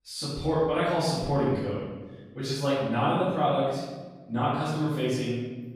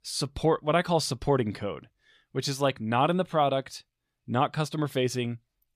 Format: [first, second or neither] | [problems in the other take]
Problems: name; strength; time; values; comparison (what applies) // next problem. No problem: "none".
second | off-mic speech; far // room echo; strong; dies away in 1.2 s